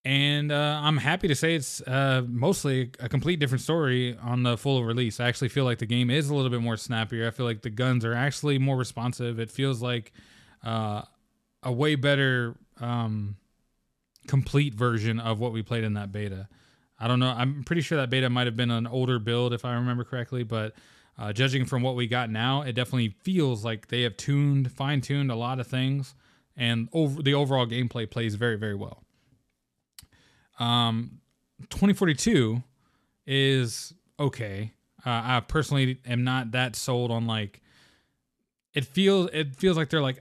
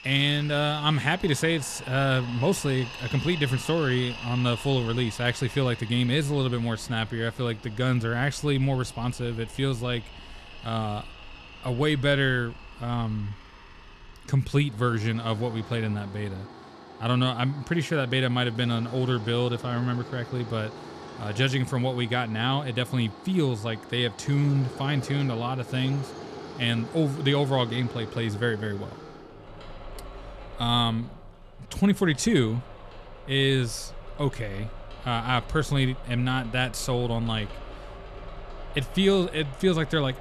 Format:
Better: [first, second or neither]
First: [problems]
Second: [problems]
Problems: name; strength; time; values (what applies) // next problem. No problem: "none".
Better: first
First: none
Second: machinery noise; noticeable; throughout; 15 dB below the speech